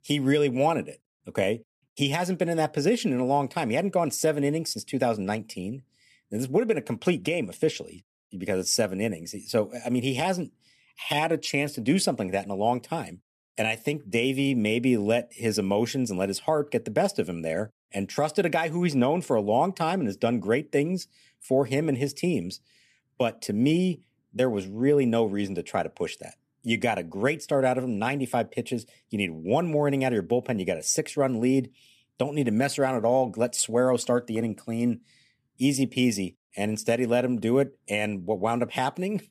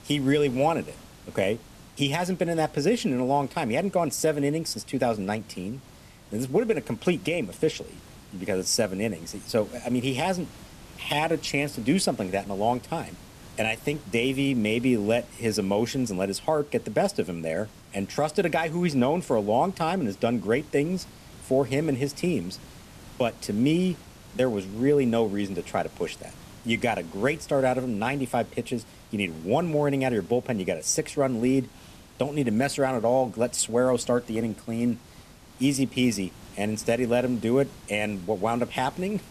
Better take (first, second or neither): first